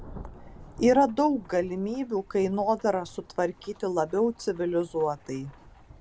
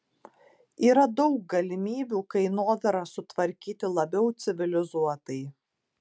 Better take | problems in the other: second | background sound (Rain / Thunderstorm); 20 dB below the speech

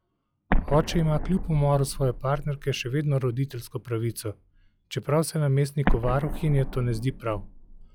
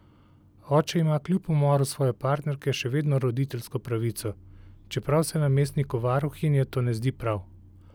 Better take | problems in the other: second | noise reduction (classical method log-MMSE)

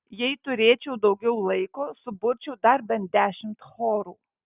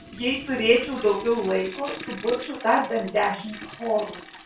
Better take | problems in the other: first | background sound (Toilet flush); 15 dB below the speech // room echo; dies away in 0.3 s

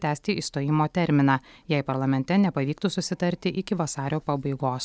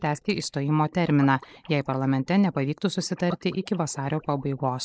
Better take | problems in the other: first | noise reduction (neural mask model Resemble Enhance denoiser)

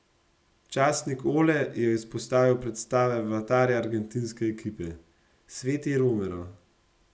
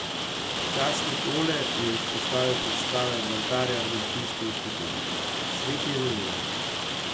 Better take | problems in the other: first | background sound (Rain); 3 dB above the speech

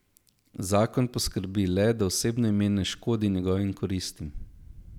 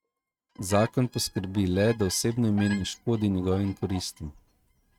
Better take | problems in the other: first | noise reduction (neural mask model RNNoise)

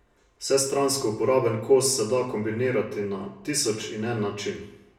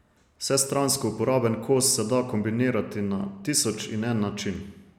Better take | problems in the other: second | room echo; dies away in 0.3 s

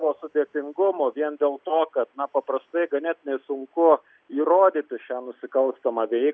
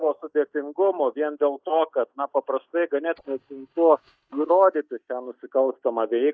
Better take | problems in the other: first | noise reduction (neural mask model DeepFilterNet 3)

